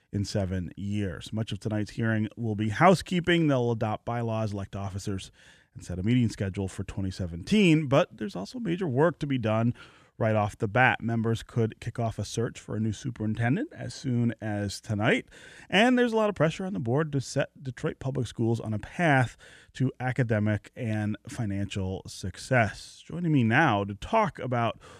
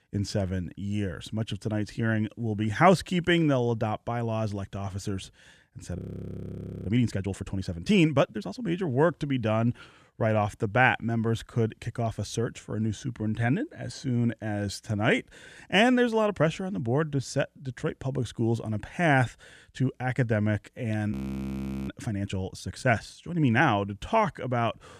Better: first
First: none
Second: audio freezing; at 6 s for 1 s and at 21 s for 1 s

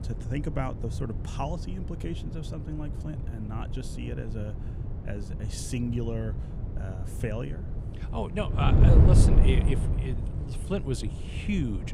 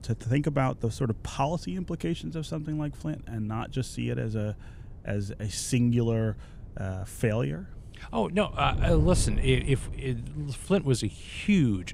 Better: second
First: wind noise on the microphone; heavy; 3 dB below the speech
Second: wind noise on the microphone; occasional gusts; 20 dB below the speech

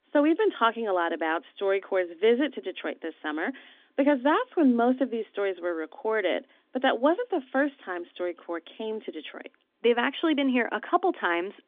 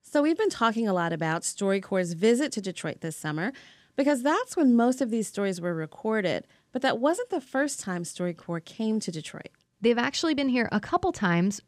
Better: second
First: phone-call audio; nothing above 3.5 kHz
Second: none

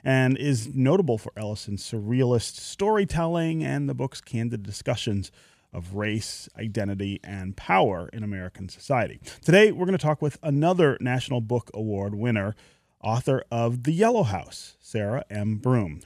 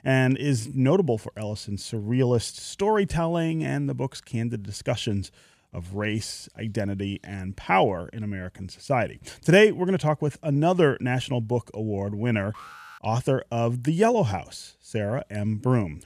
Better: first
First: none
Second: alarm; faint; at 13 s; peak 20 dB below the speech

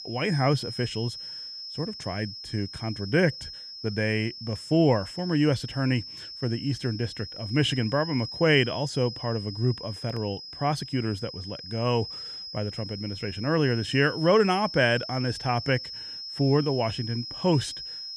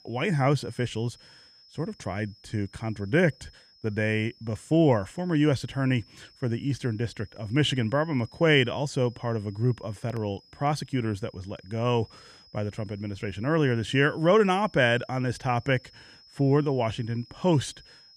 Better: second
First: high-pitched whine; loud; throughout; 5 kHz, 10 dB below the speech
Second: high-pitched whine; faint; throughout; 5 kHz, 25 dB below the speech

